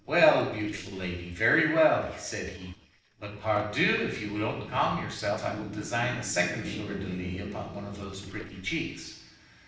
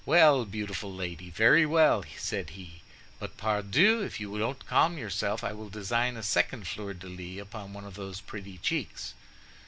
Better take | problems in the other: second | noise reduction (neural separator model SepFormer DNS4)

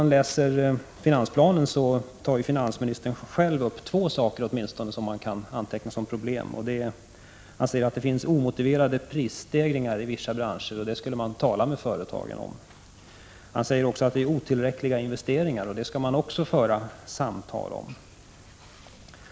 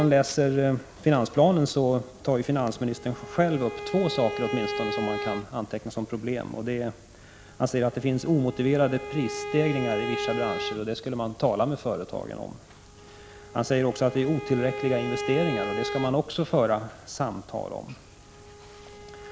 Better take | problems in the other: first | background sound (Bowed string instrument); 10 dB below the speech

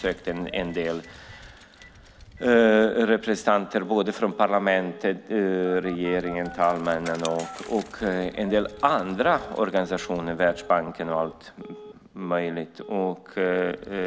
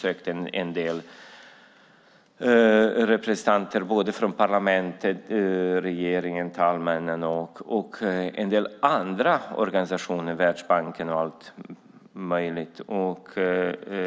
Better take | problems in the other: second | background sound (Telephone + Bicycle); 18 dB below the speech

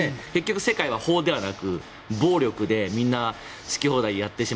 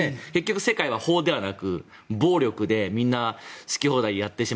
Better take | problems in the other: second | background sound (Water / Mechanisms); 18 dB below the speech

